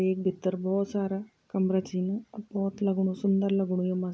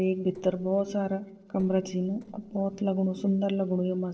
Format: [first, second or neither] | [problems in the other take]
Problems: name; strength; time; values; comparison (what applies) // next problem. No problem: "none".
first | noise reduction (neural separator model SepFormer DNS4)